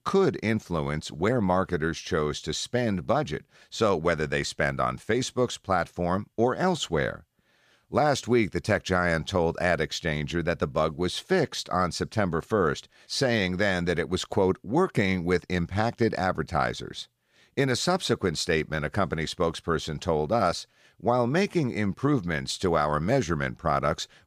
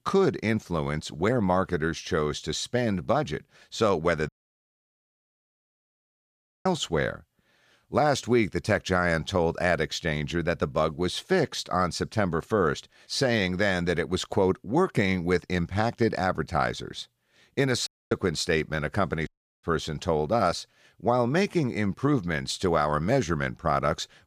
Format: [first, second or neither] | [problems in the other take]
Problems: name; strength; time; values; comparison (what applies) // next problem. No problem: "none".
first | audio cutting out; at 4.5 s for 2.5 s, at 18 s and at 19 s